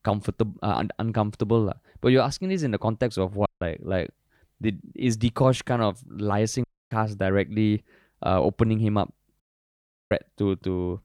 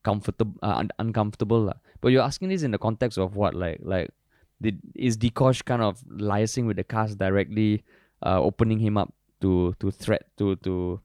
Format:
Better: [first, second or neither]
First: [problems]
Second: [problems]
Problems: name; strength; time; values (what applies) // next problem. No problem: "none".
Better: second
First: audio cutting out; at 3.5 s, at 6.5 s and at 9.5 s for 0.5 s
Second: none